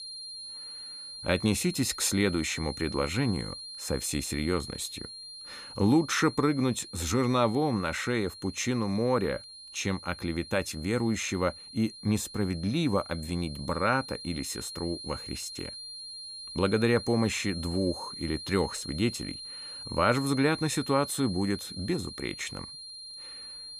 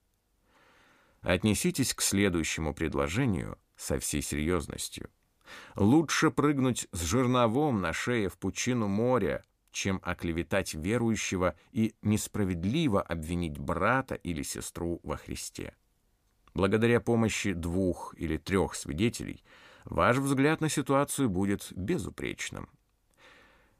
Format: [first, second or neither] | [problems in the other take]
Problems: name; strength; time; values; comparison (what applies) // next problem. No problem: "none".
second | high-pitched whine; noticeable; throughout; 4 kHz, 10 dB below the speech